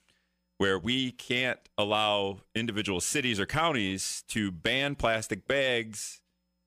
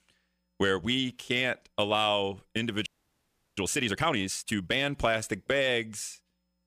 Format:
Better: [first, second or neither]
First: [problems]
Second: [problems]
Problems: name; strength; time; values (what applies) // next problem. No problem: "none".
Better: first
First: none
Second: audio freezing; at 3 s for 0.5 s